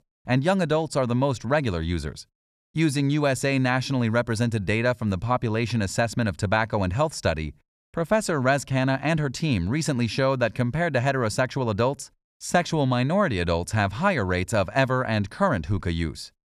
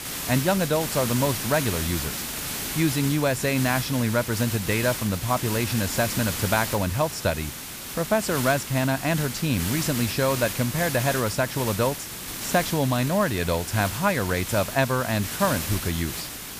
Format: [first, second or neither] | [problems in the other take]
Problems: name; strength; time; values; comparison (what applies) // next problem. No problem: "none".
first | hiss; loud; throughout; 5 dB below the speech